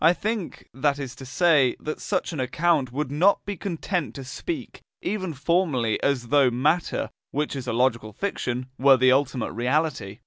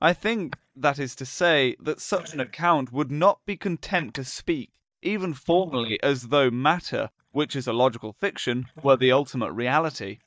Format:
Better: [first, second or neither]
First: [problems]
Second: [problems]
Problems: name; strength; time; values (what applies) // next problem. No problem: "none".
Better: first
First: none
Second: noise reduction (neural mask model DeepFilterNet 3)